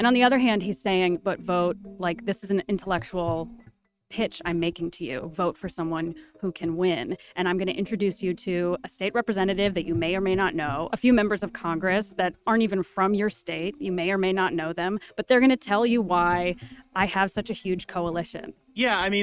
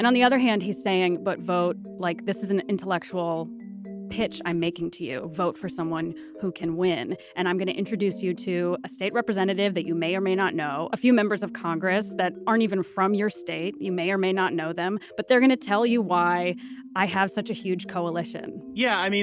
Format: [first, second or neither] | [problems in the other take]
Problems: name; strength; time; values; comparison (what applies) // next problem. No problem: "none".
second | noise reduction (neural mask model RNNoise)